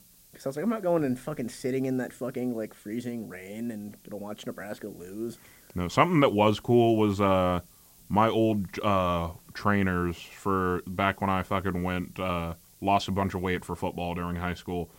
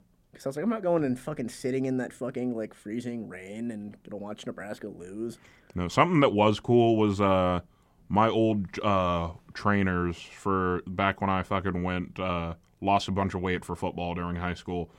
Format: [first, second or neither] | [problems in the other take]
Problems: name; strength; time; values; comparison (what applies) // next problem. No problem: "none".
second | hiss; faint; throughout; 25 dB below the speech